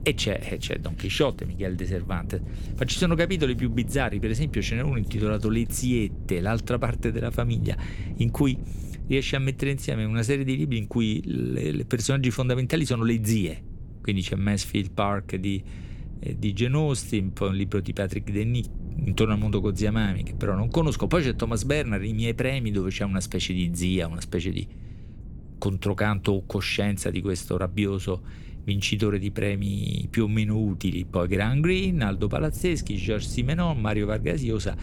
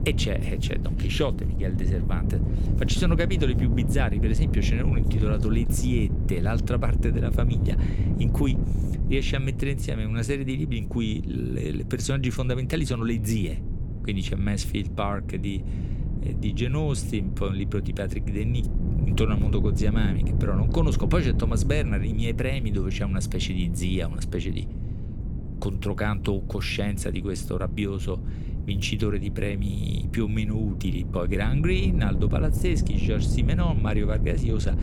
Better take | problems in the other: first | wind noise on the microphone; heavy; 7 dB below the speech; occasional gusts in the first

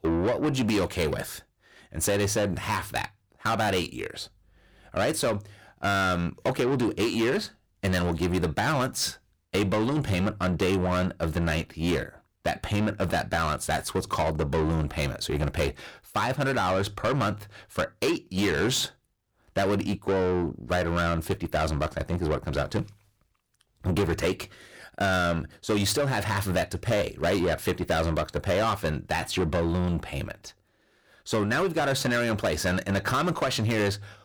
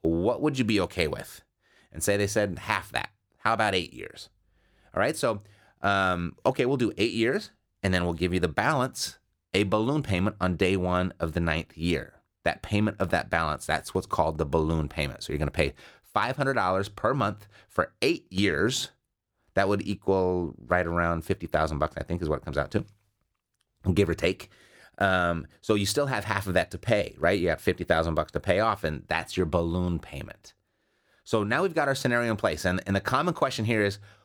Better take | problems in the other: second | distortion; heavy; 7 dB below the speech

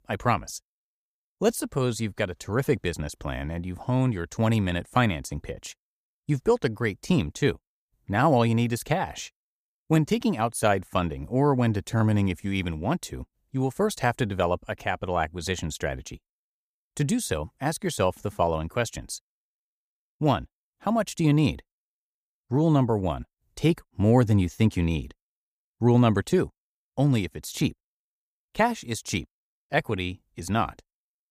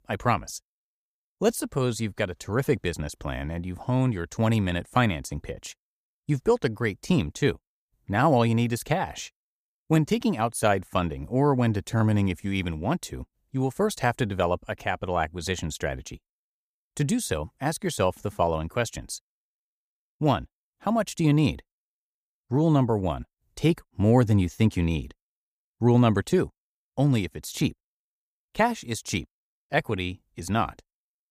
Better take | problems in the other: neither | none

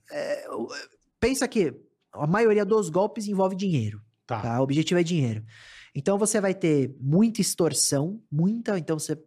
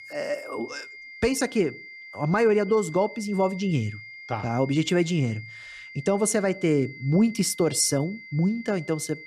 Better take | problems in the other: first | high-pitched whine; noticeable; throughout; 2 kHz, 15 dB below the speech

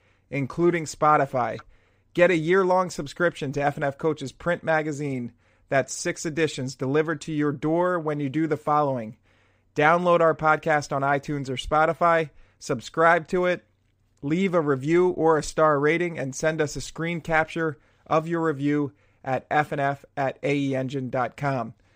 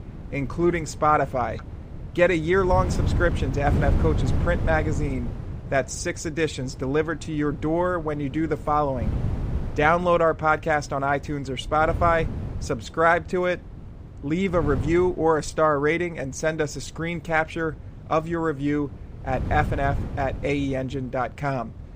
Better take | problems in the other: first | wind noise on the microphone; occasional gusts; 15 dB below the speech

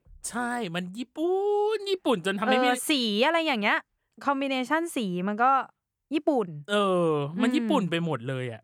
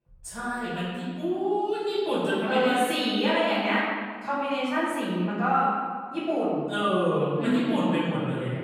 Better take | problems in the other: first | room echo; strong; dies away in 1.8 s // off-mic speech; far

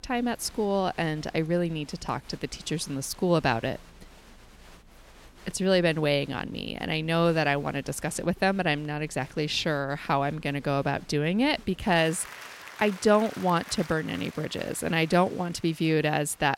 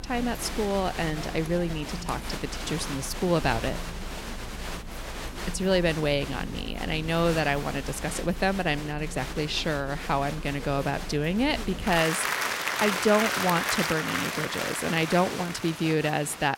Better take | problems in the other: first | crowd noise; loud; throughout; 5 dB below the speech; faint in the first

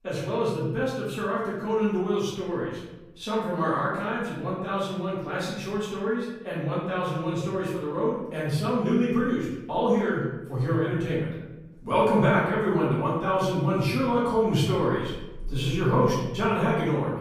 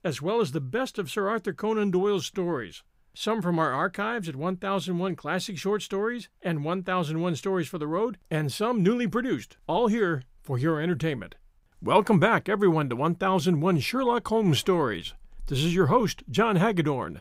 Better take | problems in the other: second | room echo; noticeable; dies away in 0.9 s // off-mic speech; far

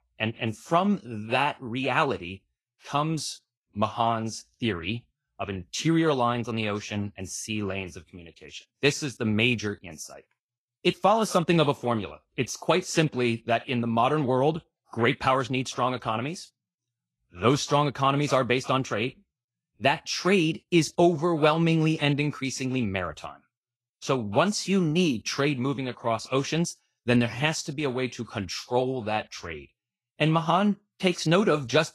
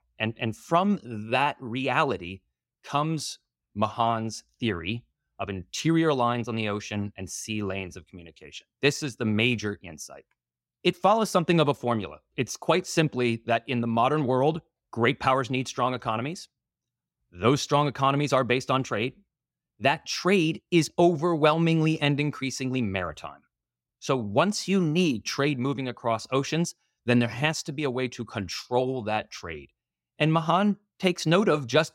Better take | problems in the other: second | garbled, watery; slightly; nothing above 12.5 kHz

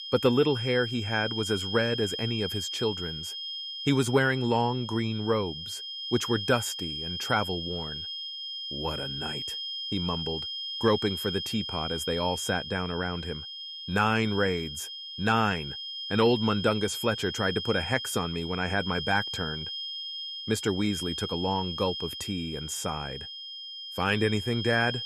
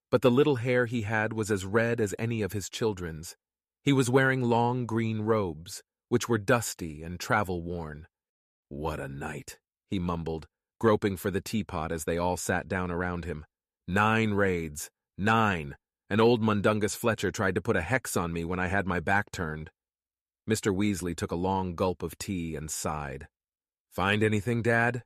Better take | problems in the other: second | high-pitched whine; loud; throughout; 3 kHz, 5 dB below the speech

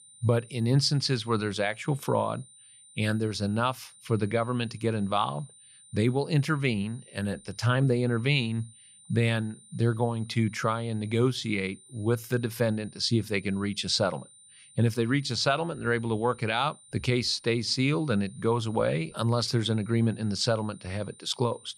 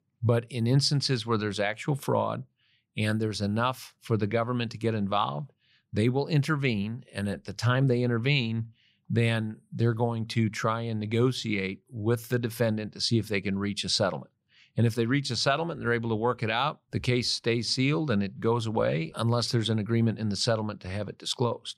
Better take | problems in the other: second | high-pitched whine; faint; throughout; 9 kHz, 25 dB below the speech

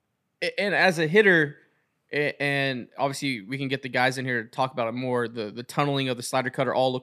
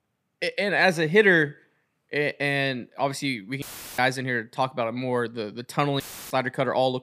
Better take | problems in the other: first | audio cutting out; filled with static; at 3.5 s and at 6 s

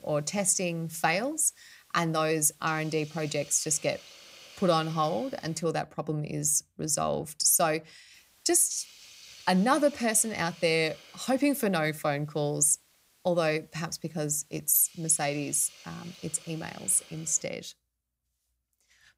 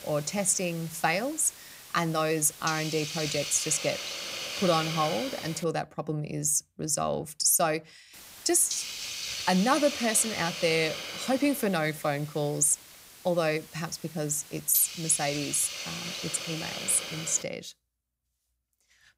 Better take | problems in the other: first | hiss; loud; until 5.5 s and from 8 to 17 s; 8 dB below the speech; faint in the first

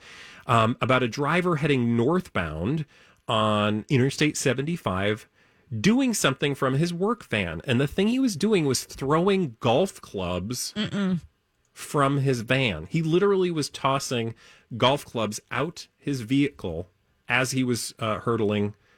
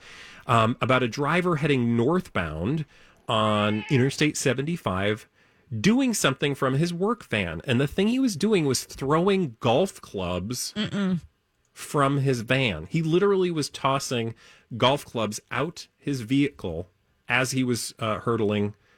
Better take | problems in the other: first | animal sounds; noticeable; until 4 s; 15 dB below the speech

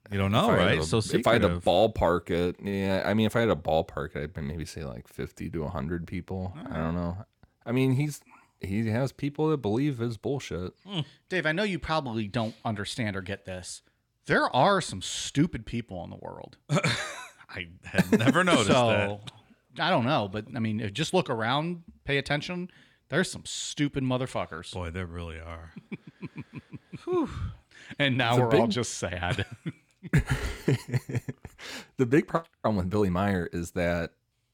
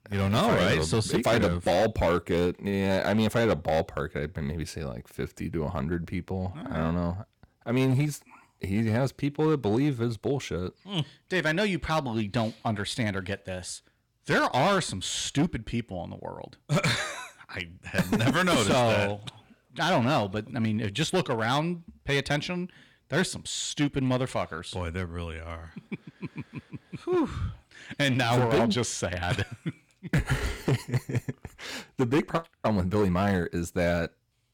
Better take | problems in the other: first | distortion; slight; 6% of the sound clipped

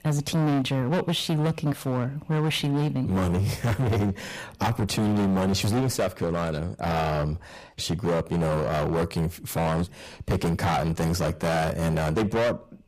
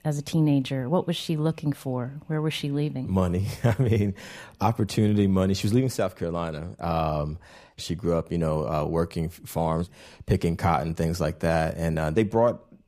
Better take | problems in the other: second | distortion; heavy; 22% of the sound clipped

